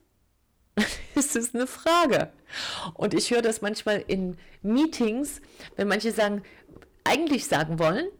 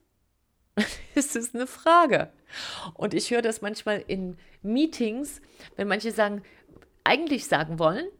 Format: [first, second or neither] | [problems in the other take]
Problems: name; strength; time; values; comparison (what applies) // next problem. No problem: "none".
second | distortion; heavy; 6% of the sound clipped